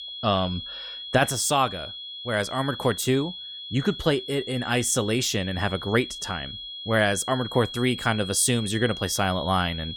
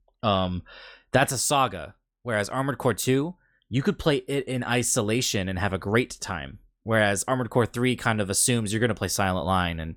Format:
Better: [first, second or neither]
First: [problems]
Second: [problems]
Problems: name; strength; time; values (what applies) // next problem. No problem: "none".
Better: second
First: high-pitched whine; loud; throughout; 3.5 kHz, 10 dB below the speech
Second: none